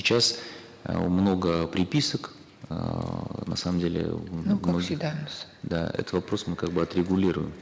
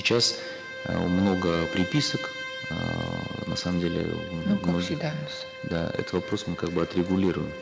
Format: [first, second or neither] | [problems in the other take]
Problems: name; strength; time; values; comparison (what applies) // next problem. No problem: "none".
first | background sound (Bowed string instrument); 10 dB below the speech